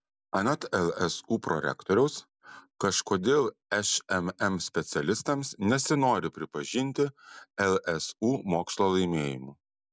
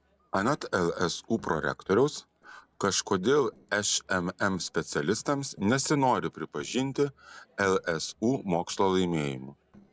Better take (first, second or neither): first